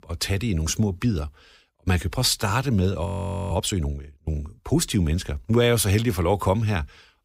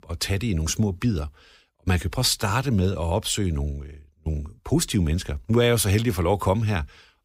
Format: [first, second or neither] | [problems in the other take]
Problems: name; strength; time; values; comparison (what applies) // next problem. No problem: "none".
second | audio freezing; at 3 s